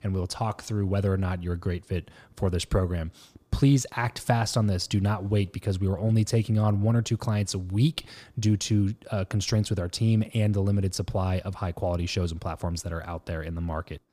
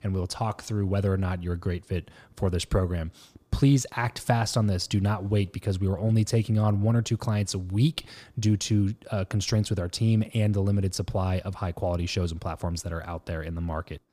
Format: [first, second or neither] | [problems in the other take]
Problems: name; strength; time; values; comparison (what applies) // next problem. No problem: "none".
neither | none